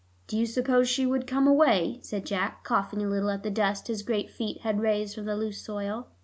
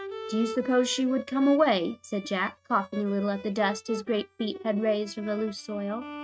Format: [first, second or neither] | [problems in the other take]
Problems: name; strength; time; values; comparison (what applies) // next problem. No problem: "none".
first | noise reduction (neural mask model RNNoise)